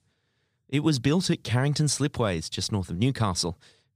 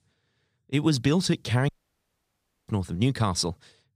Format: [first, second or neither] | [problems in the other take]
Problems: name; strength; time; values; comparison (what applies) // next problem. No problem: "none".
first | audio cutting out; at 1.5 s for 1 s